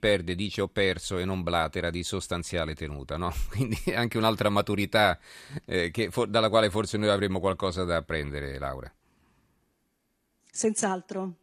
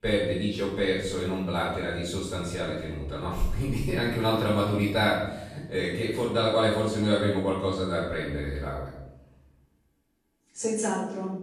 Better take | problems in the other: first | off-mic speech; far // room echo; noticeable; dies away in 0.8 s

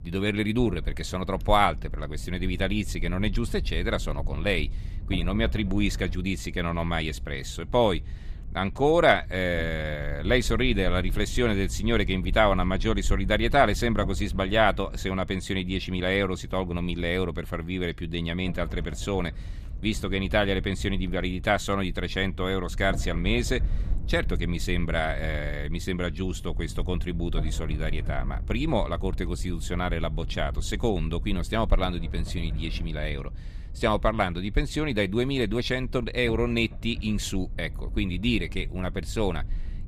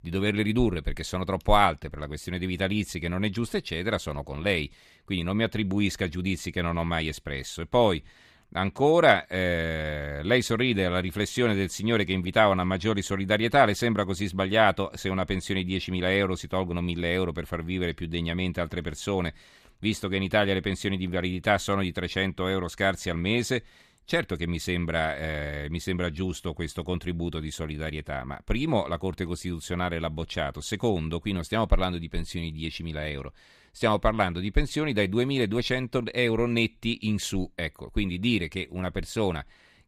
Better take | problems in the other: second | low rumble; faint; throughout; 25 dB below the speech

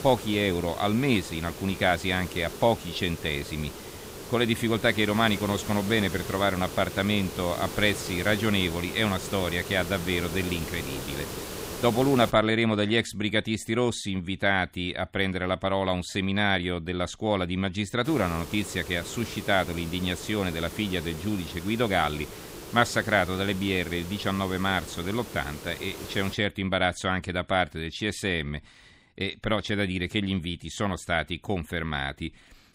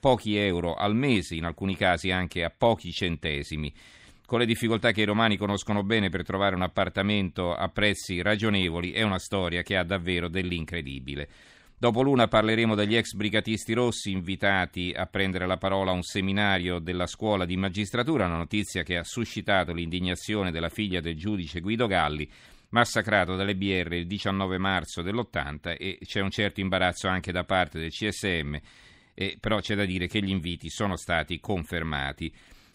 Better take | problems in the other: second | hiss; noticeable; until 12 s and from 18 to 26 s; 10 dB below the speech

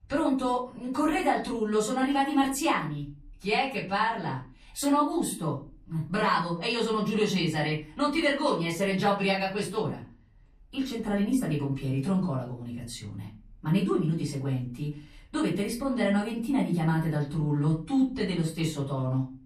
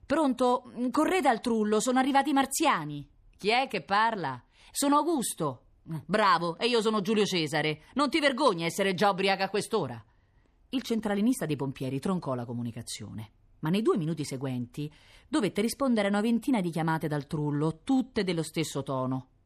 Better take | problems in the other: second | room echo; slight; dies away in 0.3 s // off-mic speech; far

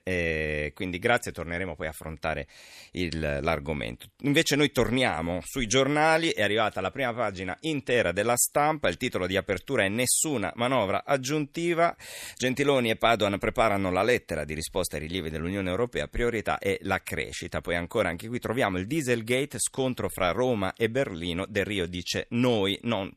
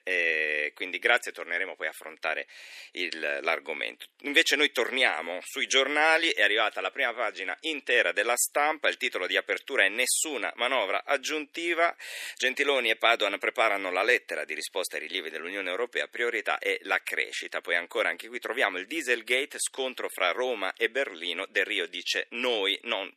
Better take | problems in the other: first | thin; somewhat; fading below 300 Hz

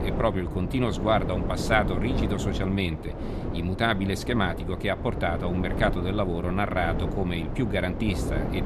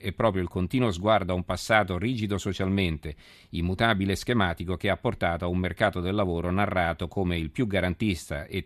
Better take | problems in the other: second | wind noise on the microphone; heavy; 8 dB below the speech

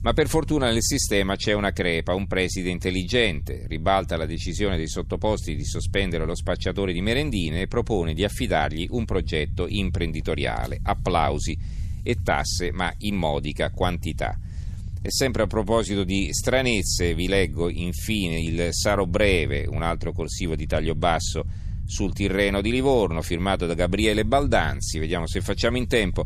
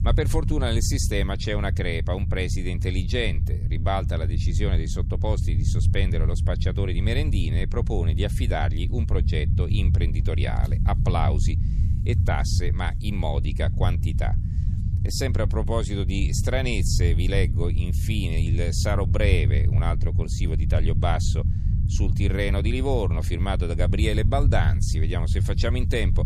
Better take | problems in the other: first | low rumble; loud; throughout; 9 dB below the speech; faint in the first

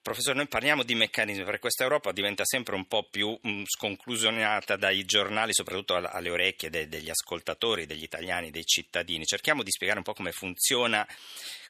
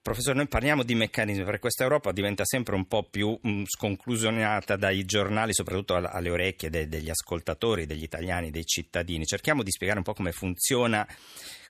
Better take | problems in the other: second | thin; very slightly; fading below 1 kHz

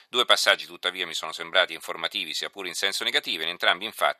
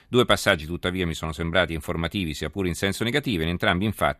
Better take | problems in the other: second | thin; very; fading below 700 Hz

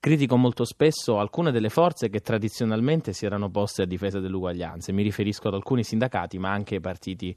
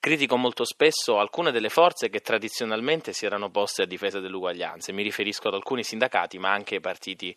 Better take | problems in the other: first | thin; somewhat; fading below 450 Hz

